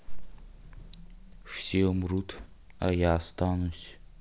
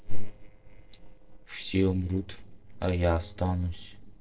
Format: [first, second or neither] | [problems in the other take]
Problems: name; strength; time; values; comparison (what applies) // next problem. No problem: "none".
first | noise reduction (neural separator model SepFormer DNS4)